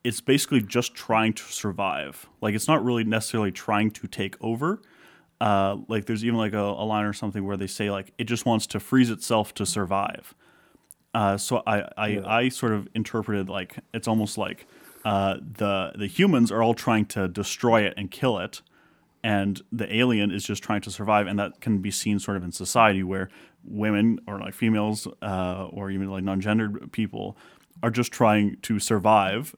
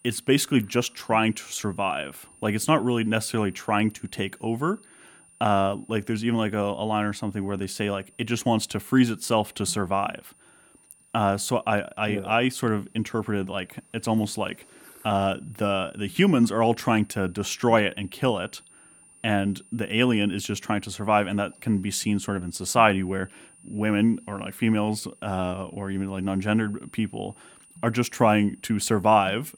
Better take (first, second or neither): first